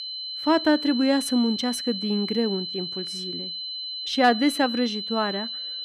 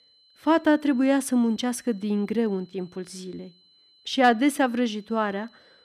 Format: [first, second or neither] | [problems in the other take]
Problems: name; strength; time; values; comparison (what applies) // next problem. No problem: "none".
second | high-pitched whine; loud; throughout; 4 kHz, 6 dB below the speech; faint in the second